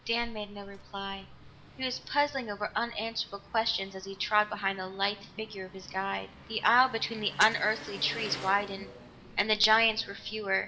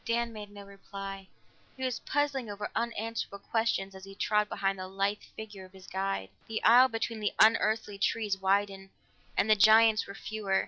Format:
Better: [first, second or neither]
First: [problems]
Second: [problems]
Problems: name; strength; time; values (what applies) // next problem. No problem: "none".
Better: second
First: background sound (Engine); 17 dB below the speech // room echo; dies away in 0.6 s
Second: none